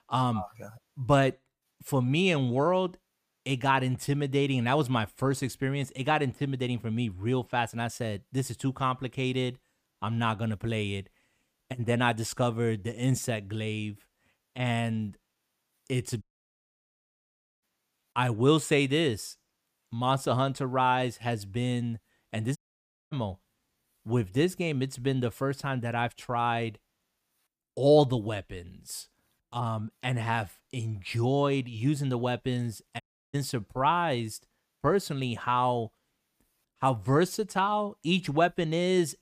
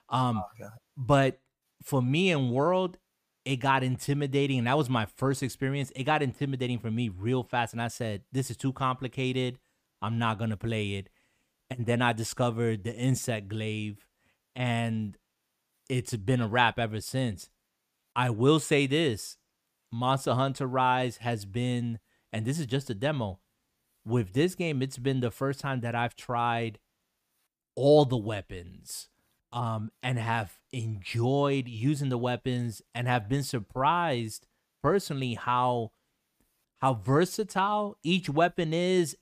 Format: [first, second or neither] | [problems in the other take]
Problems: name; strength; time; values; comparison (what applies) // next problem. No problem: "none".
second | audio cutting out; at 16 s for 1.5 s, at 23 s for 0.5 s and at 33 s